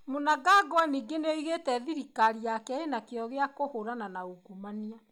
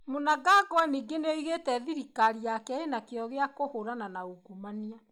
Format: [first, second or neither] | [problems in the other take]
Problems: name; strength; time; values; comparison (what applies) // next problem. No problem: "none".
first | noise reduction (neural mask model Resemble Enhance denoiser)